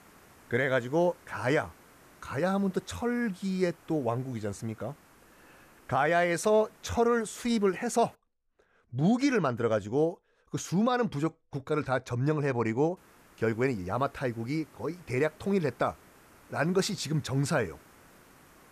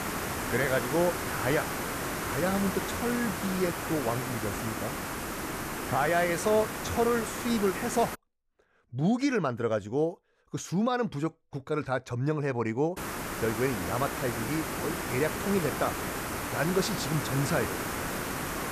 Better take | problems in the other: first | hiss; loud; until 8 s and from 13 s on; 3 dB below the speech; faint in the first

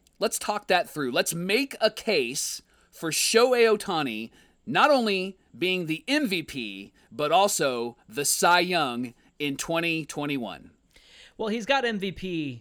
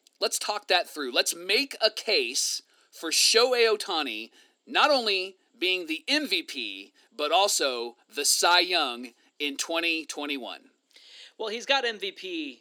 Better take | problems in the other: first | thin; very slightly; fading below 300 Hz

